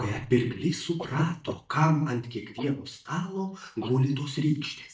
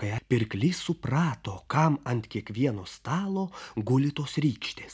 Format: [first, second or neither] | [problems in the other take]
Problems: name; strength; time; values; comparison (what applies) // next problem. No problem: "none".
second | noise reduction (neural mask model DeepFilterNet 3)